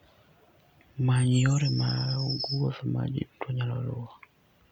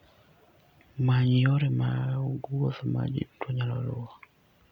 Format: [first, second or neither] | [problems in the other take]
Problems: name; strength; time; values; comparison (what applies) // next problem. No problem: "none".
second | background sound (Bird vocalization, bird call, bird song); 11 dB below the speech